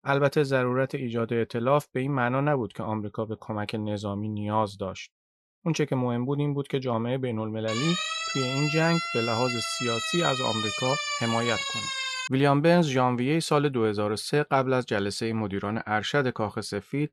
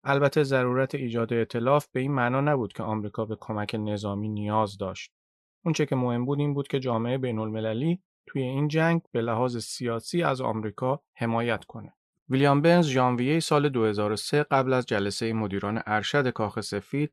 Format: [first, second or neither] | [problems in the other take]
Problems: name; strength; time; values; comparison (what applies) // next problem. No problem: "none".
second | siren; noticeable; from 7.5 to 12 s; peak 1 dB below the speech